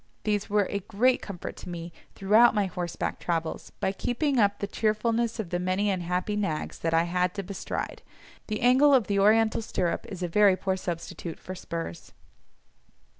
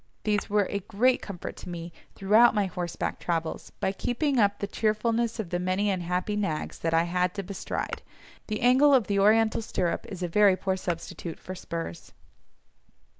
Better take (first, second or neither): first